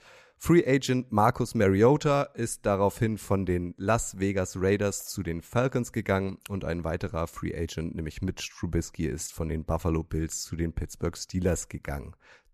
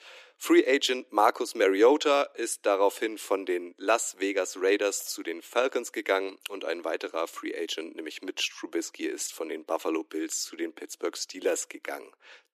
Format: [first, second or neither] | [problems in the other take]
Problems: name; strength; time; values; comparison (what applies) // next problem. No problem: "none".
first | thin; somewhat; fading below 300 Hz